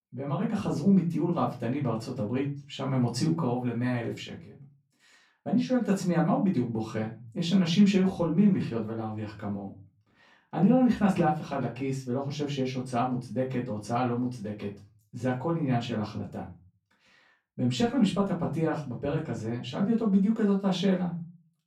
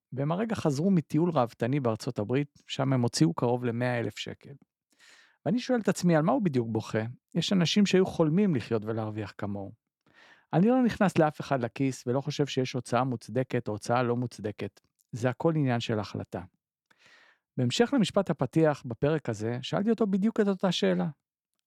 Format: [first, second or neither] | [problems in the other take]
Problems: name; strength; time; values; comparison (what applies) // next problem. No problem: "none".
second | off-mic speech; far // room echo; slight; dies away in 0.3 s